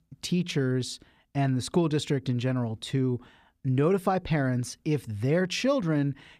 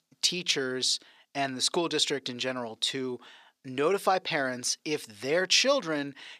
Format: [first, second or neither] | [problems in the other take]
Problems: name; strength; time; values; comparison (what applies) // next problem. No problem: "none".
first | thin; somewhat; fading below 450 Hz